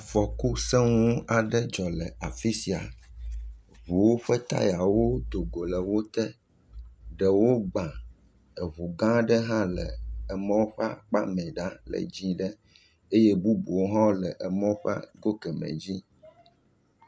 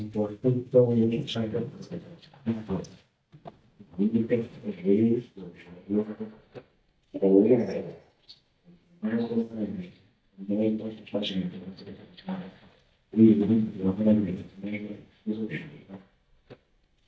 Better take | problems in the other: first | noise reduction (neural mask model DeepFilterNet 3)

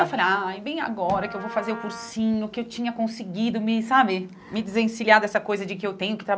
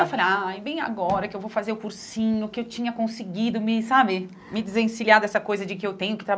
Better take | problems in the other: second | background sound (Wind instrument, woodwind instrument); 14 dB below the speech

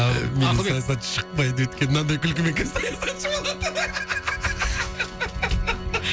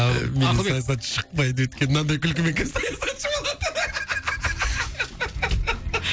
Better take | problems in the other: second | background sound (Organ); 14 dB below the speech

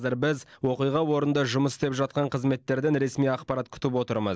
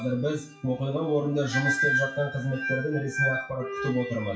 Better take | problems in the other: first | noise reduction (classical method WPE with log-MMSE)

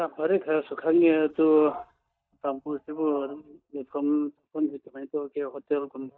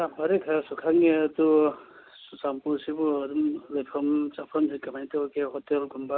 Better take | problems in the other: second | noise reduction (neural mask model DeepFilterNet 3)

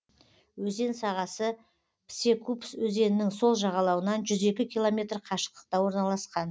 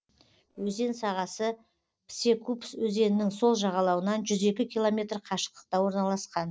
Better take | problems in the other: first | noise reduction (neural separator model SepFormer DNS4)

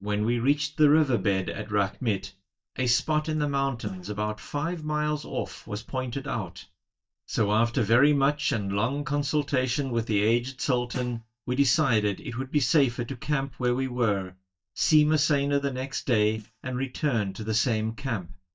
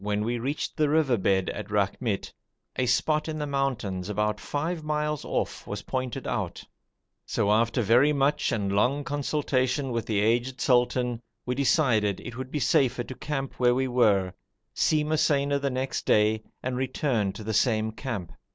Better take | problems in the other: second | noise reduction (neural mask model DeepFilterNet 3)

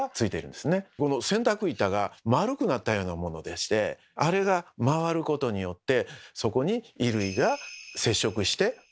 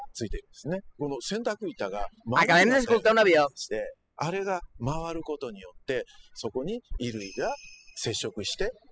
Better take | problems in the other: first | noise reduction (classical method spectral subtraction)

